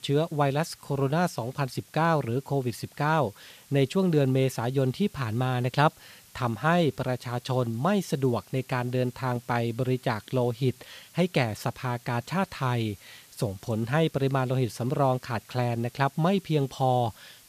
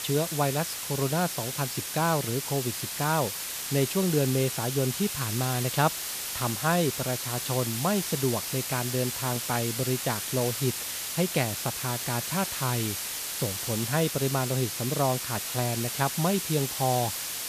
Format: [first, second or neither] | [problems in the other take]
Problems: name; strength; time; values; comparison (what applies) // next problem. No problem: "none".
first | hiss; loud; throughout; 2 dB below the speech; faint in the first